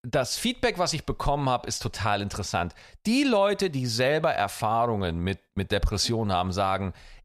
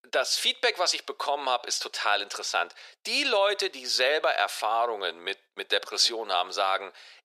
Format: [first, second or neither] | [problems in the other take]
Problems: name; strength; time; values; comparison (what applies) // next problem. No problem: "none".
first | thin; very; fading below 400 Hz